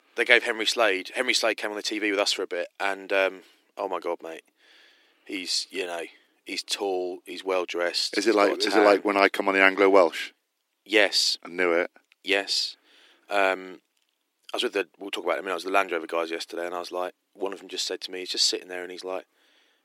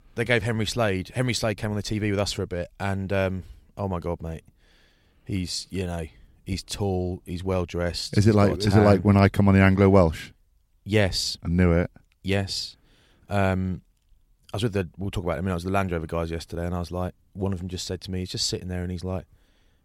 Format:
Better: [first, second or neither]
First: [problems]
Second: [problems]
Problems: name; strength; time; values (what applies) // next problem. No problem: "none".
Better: second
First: thin; very; fading below 300 Hz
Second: none